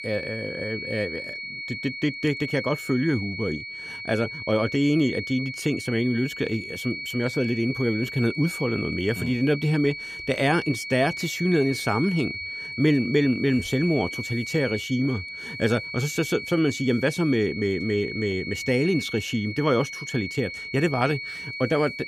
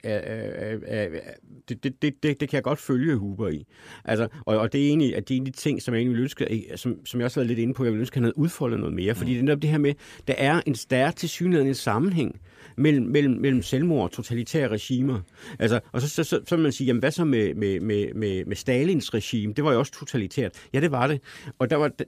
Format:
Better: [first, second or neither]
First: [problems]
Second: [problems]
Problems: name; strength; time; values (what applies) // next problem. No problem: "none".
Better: second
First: high-pitched whine; loud; throughout; 2.5 kHz, 7 dB below the speech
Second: none